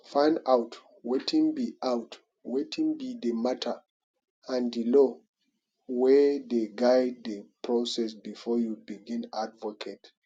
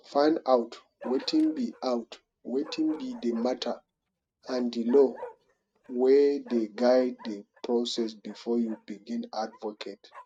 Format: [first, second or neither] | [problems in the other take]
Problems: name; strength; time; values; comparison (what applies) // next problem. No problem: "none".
first | noise reduction (neural mask model RNNoise)